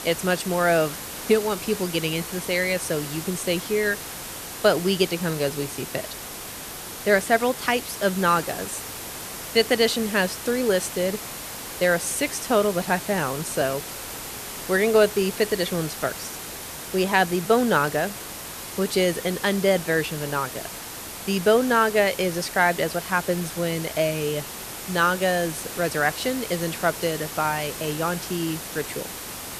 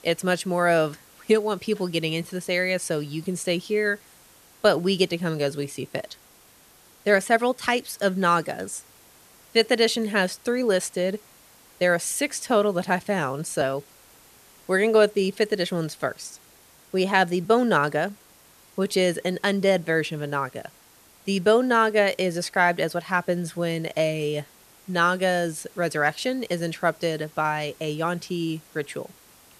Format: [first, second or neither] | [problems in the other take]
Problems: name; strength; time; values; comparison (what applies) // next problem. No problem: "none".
second | hiss; loud; throughout; 9 dB below the speech; faint in the second